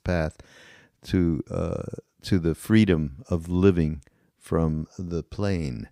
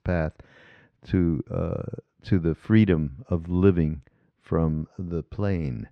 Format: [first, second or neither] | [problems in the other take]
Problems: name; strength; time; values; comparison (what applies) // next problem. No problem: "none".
first | muffled; slightly; fading above 2.5 kHz